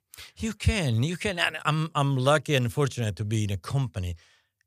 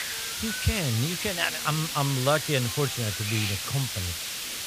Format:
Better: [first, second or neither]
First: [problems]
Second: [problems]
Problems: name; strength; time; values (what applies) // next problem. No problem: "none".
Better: first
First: none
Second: hiss; loud; throughout; 2 dB below the speech